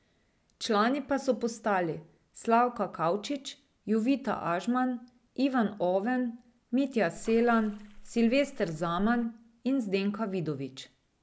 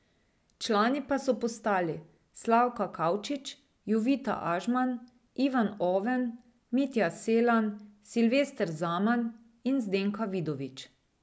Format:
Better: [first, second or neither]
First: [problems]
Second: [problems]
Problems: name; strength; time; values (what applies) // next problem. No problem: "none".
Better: second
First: background sound (Splash, splatter); 16 dB below the speech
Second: none